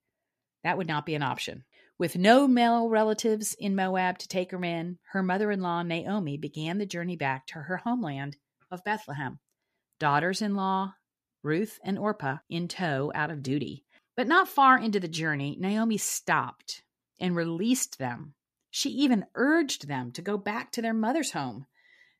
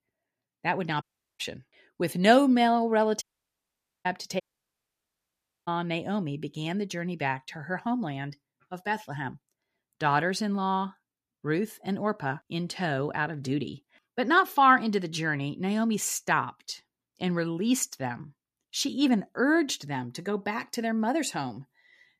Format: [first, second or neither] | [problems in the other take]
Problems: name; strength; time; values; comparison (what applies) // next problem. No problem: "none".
first | audio cutting out; at 1 s, at 3 s for 1 s and at 4.5 s for 1.5 s